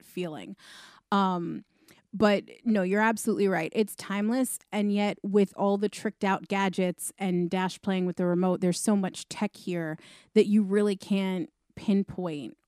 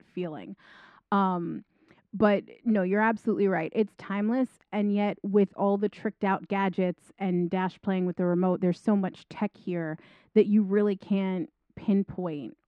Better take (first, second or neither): first